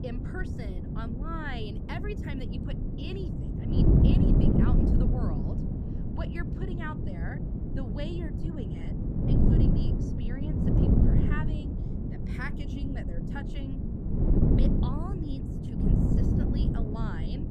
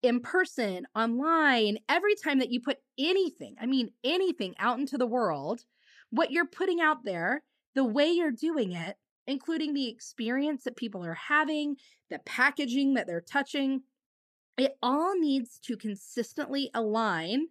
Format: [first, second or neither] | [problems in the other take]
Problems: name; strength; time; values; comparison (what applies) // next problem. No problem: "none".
second | wind noise on the microphone; heavy; 4 dB above the speech